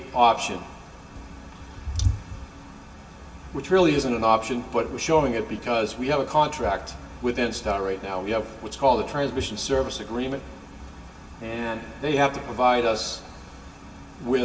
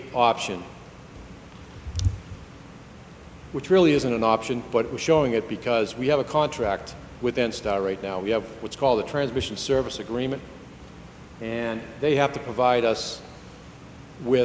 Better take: second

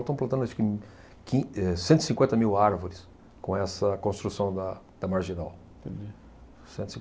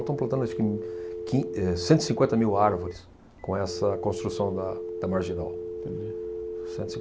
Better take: first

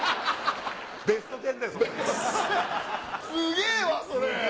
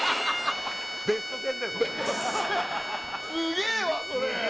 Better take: first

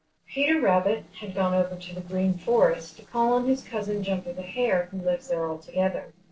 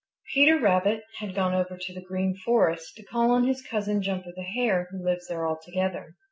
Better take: second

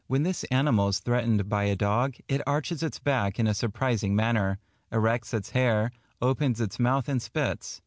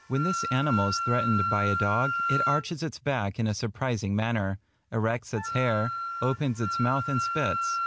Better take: first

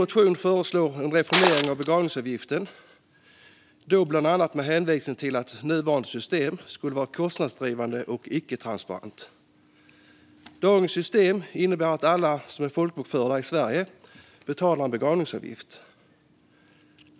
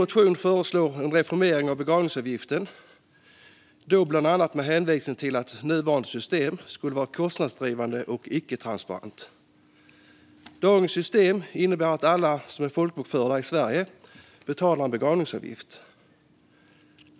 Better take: second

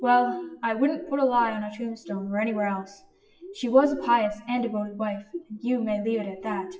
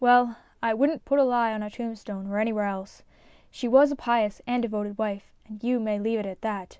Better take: second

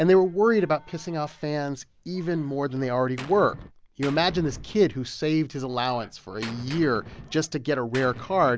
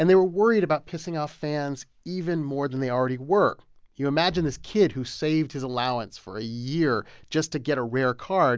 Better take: second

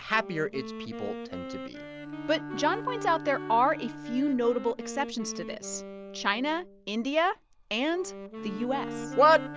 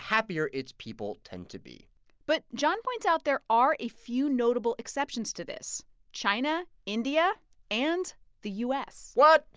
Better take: second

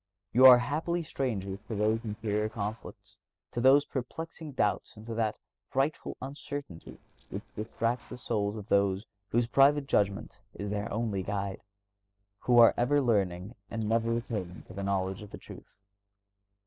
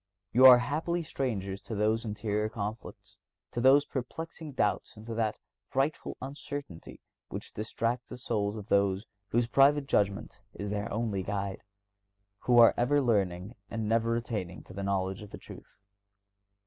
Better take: second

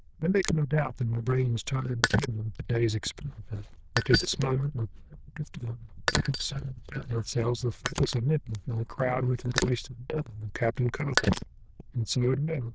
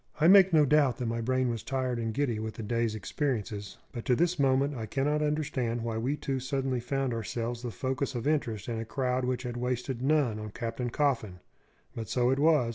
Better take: second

